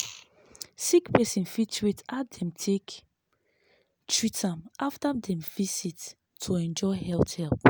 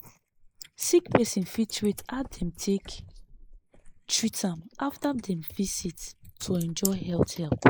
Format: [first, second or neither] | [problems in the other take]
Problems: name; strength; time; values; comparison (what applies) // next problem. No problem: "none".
first | noise reduction (neural mask model Resemble Enhance denoiser)